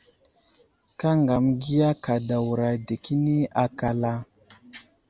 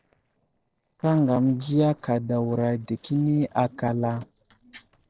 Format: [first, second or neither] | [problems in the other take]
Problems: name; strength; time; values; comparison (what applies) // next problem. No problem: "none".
first | noise reduction (neural separator model SepFormer DNS4)